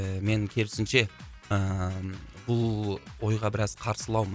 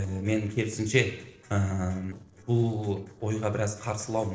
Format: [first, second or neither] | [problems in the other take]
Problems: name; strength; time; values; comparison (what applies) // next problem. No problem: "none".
first | noise reduction (neural separator model SepFormer DNS4)